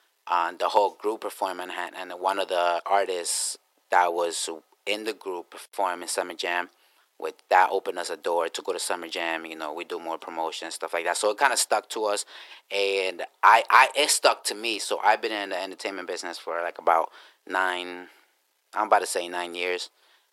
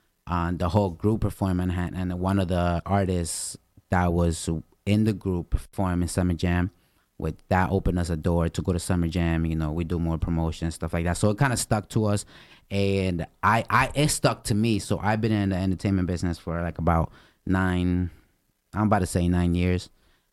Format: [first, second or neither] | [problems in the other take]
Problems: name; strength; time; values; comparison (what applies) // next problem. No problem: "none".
second | thin; very; fading below 400 Hz